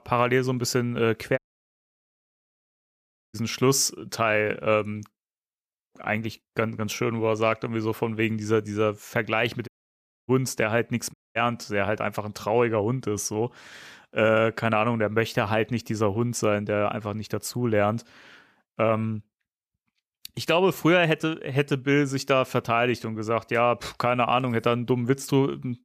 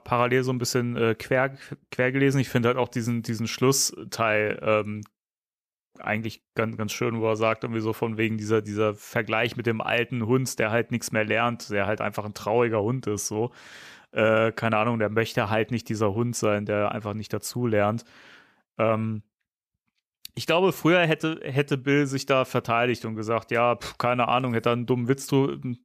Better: second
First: audio cutting out; at 1.5 s for 2 s, at 9.5 s for 0.5 s and at 11 s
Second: none

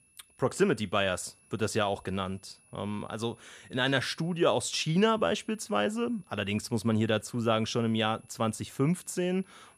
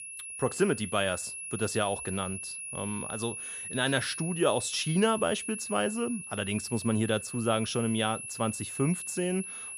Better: first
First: high-pitched whine; faint; throughout; 10.5 kHz, 30 dB below the speech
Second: high-pitched whine; loud; throughout; 10.5 kHz, 7 dB below the speech

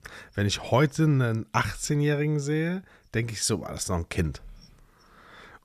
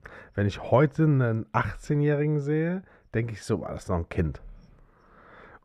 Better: first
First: none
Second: muffled; very; fading above 3 kHz

